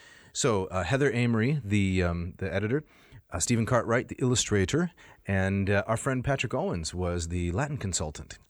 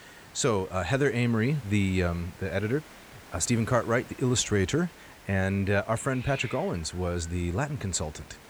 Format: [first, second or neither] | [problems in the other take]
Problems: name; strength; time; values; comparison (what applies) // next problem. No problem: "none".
first | hiss; noticeable; throughout; 20 dB below the speech